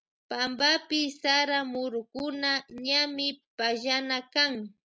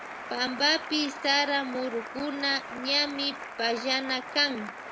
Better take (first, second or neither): first